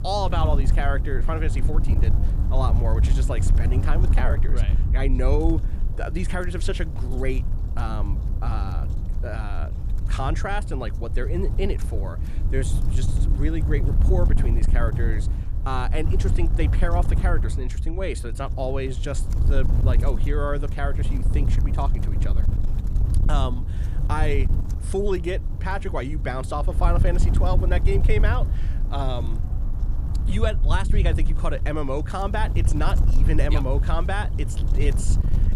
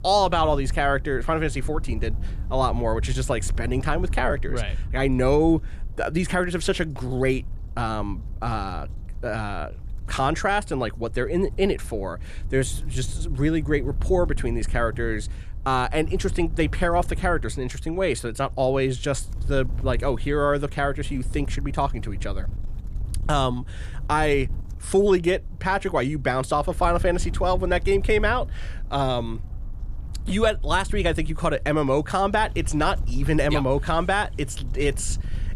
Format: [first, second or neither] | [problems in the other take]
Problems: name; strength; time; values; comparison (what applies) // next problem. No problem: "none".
second | wind noise on the microphone; heavy; 10 dB below the speech; occasional gusts in the second